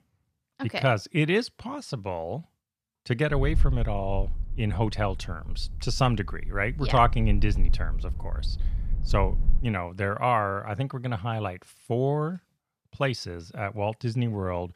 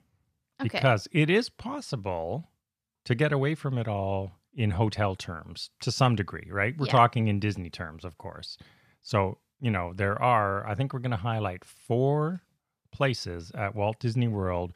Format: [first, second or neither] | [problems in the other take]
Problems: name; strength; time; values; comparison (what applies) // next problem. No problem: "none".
second | low rumble; faint; from 3.5 to 9.5 s; 25 dB below the speech